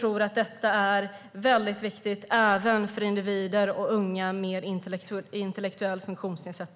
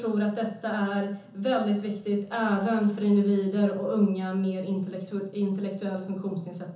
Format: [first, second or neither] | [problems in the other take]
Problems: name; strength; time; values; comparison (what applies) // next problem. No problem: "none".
first | room echo; dies away in 0.6 s